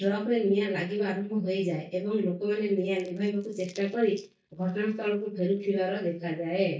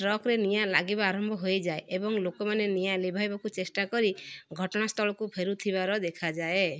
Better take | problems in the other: second | noise reduction (neural mask model DeepFilterNet 3)

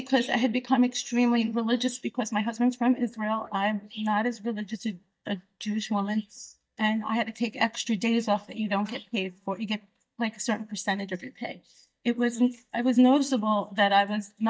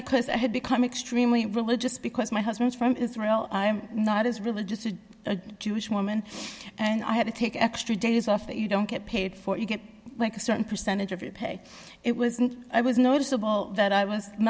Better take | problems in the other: second | noise reduction (neural mask model DeepFilterNet 3)

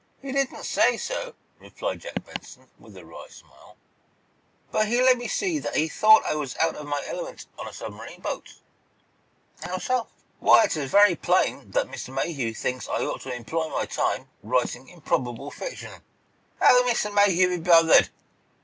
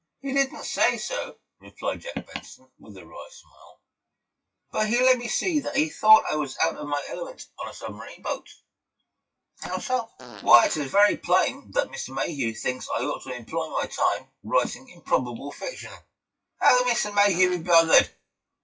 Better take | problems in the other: first | noise reduction (classical method WPE with log-MMSE)

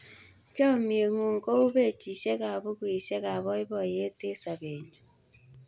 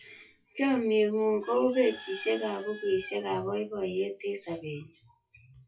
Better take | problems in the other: first | noise reduction (classical method WPE with log-MMSE)

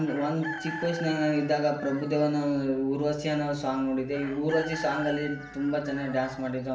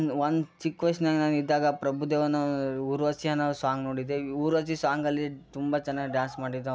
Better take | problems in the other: second | background sound (Chicken, rooster); 13 dB below the speech // room echo; dies away in 0.7 s

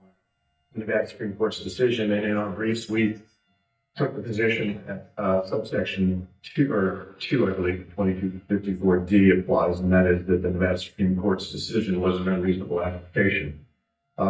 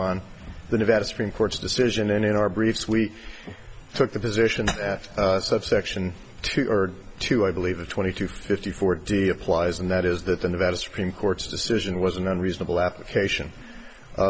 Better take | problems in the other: second | noise reduction (neural mask model DeepFilterNet 3)

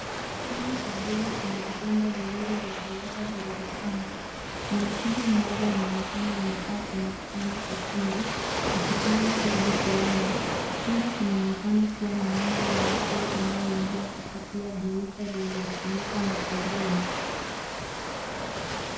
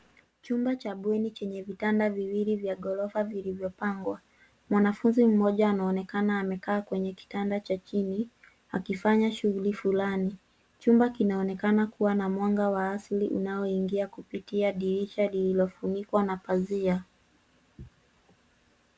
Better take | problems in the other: second | background sound (Waves, surf); 1 dB below the speech // room echo; dies away in 0.5 s

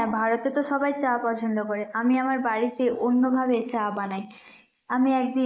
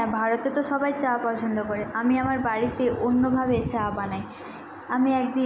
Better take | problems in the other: second | noise reduction (neural mask model Resemble Enhance denoiser)

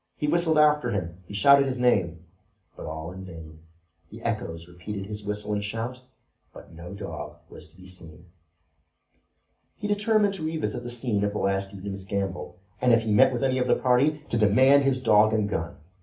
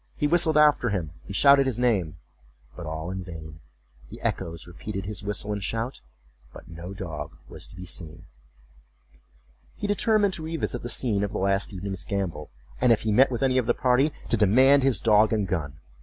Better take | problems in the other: second | room echo; dies away in 0.3 s

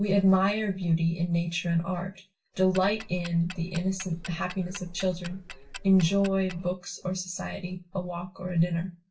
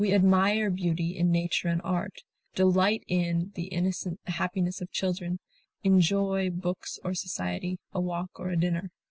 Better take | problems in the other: second | background sound (Tick-tock); 15 dB below the speech // room echo; dies away in 0.2 s

